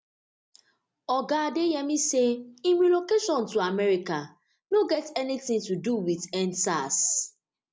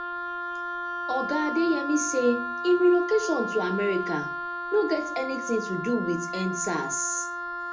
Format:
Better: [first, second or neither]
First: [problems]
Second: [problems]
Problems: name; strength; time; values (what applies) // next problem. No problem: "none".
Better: first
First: none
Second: background sound (Wind instrument, woodwind instrument); 5 dB below the speech // room echo; dies away in 0.3 s